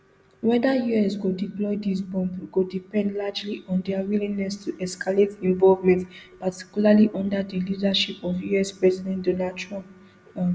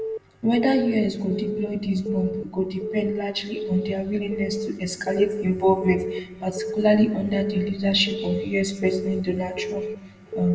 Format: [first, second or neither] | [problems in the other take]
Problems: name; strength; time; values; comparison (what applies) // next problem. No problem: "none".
first | background sound (Alarm / Keyboard (musical)); 8 dB below the speech // room echo; dies away in 1.2 s